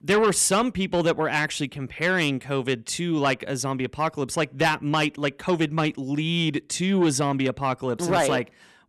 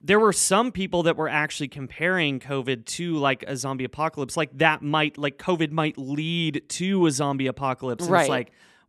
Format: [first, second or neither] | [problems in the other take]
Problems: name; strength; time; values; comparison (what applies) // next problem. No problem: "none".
second | distortion; slight; 10 dB below the speech